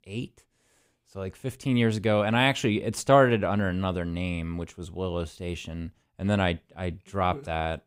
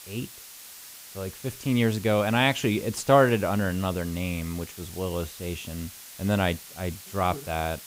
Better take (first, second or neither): first